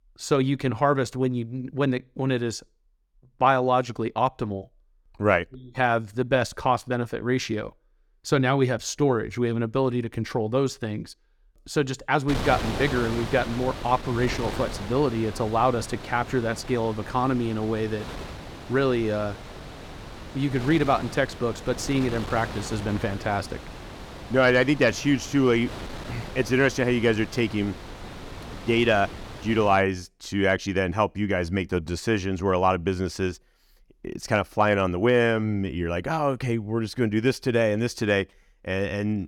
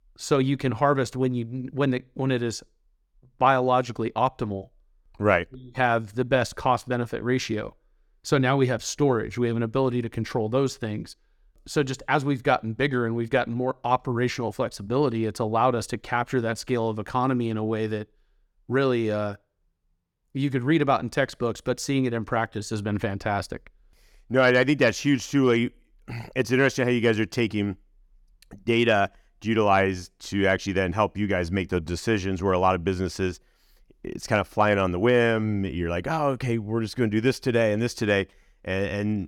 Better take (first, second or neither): second